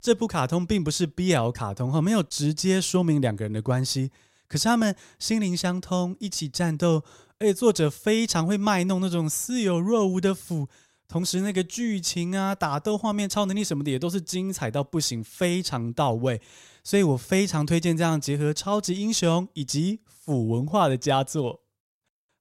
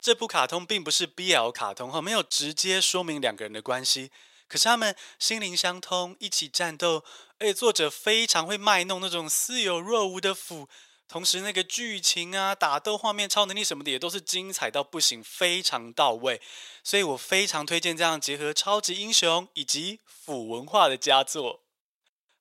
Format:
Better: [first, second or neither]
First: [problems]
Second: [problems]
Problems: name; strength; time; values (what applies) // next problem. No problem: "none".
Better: first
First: none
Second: thin; very; fading below 550 Hz